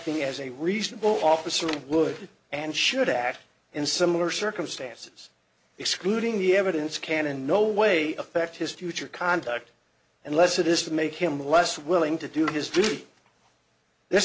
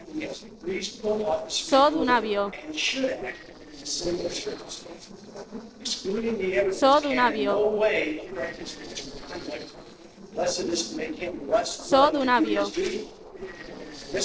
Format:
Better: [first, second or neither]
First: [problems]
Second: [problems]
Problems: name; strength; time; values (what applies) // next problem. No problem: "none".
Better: first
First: none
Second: noise reduction (neural separator model SepFormer DNS4)